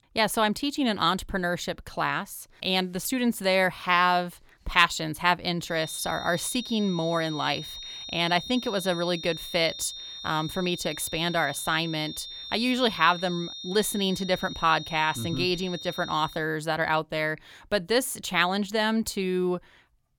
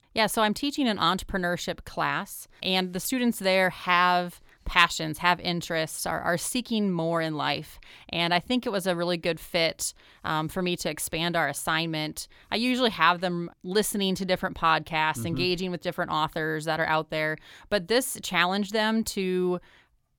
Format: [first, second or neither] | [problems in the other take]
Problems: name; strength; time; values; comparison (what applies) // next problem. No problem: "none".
second | high-pitched whine; noticeable; from 6 to 16 s; 3.5 kHz, 10 dB below the speech